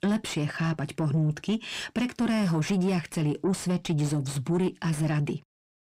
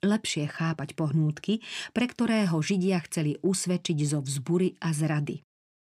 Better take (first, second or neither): second